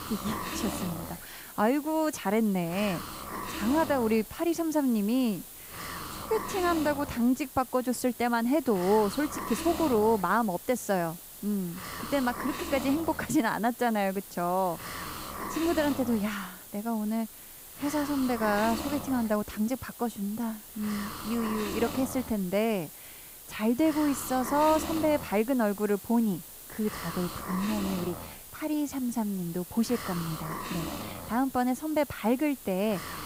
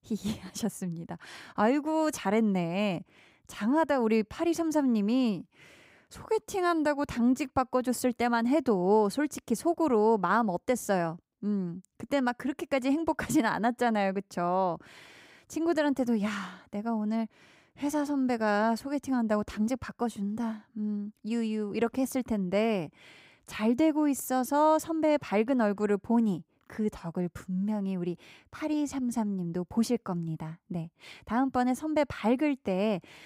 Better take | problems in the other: second | hiss; loud; throughout; 10 dB below the speech

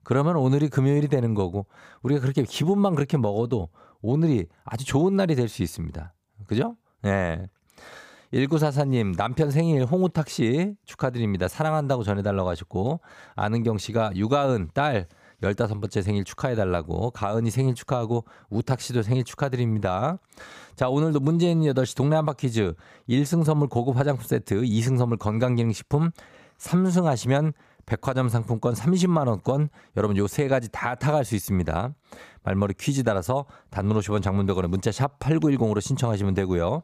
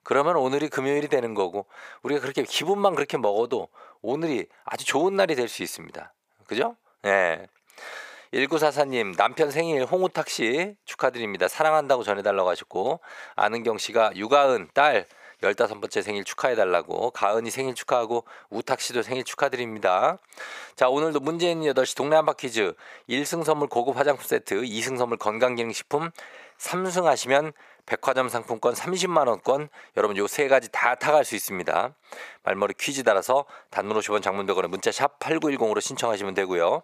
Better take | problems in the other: first | thin; very; fading below 550 Hz

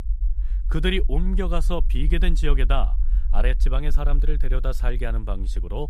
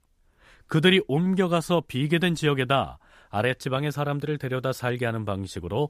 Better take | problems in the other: second | low rumble; noticeable; throughout; 20 dB below the speech

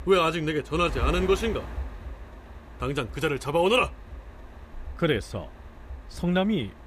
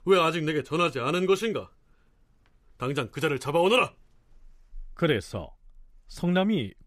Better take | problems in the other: second | wind noise on the microphone; occasional gusts; 20 dB below the speech

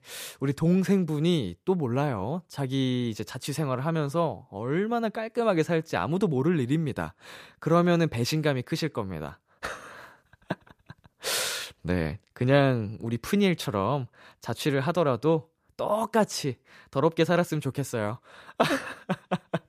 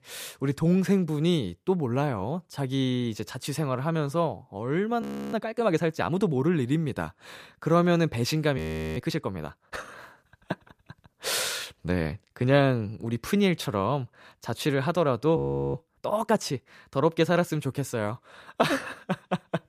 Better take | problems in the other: first | audio freezing; at 5 s, at 8.5 s and at 15 s

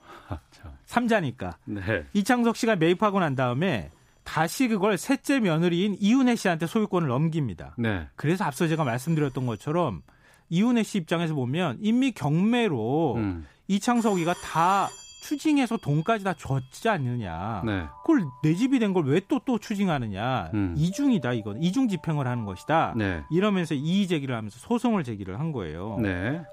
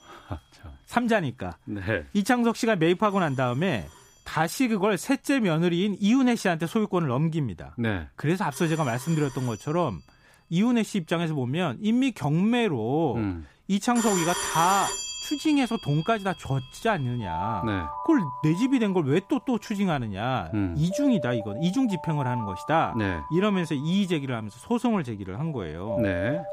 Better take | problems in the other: first | alarms or sirens; loud; throughout; 8 dB below the speech; faint in the first

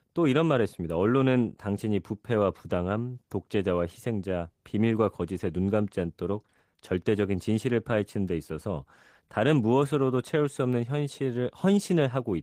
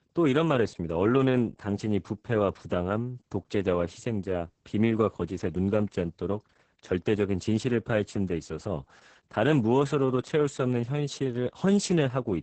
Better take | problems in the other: first | garbled, watery; badly; nothing above 8 kHz; slightly in the first

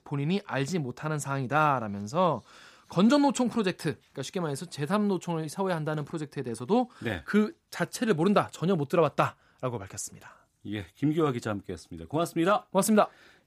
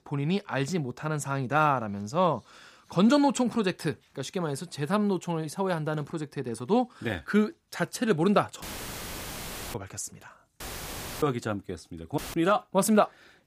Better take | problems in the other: first | audio cutting out; filled with static; at 8.5 s for 1 s, at 11 s for 0.5 s and at 12 s

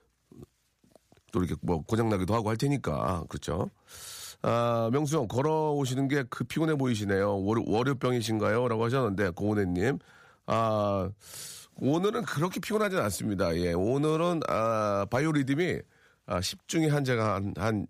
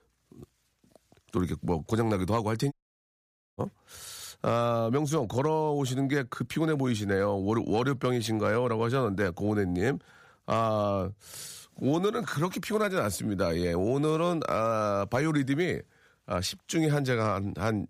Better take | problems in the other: first | audio cutting out; at 2.5 s for 1 s

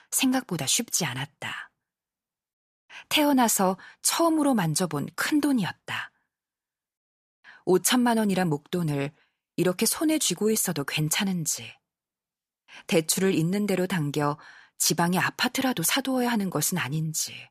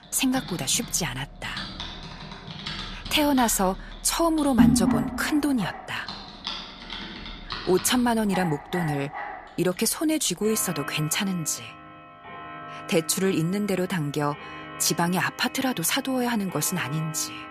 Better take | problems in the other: first | household noises; loud; throughout; 8 dB below the speech

